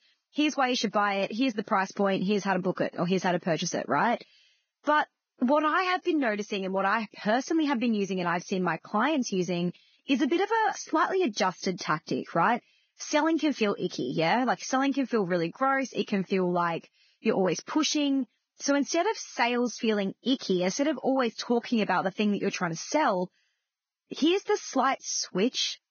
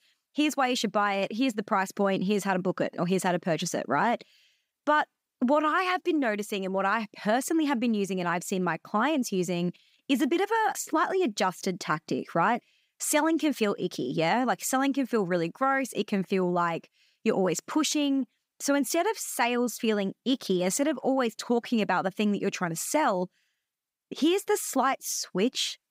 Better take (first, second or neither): second